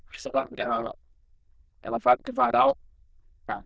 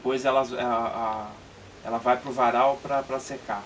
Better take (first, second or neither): second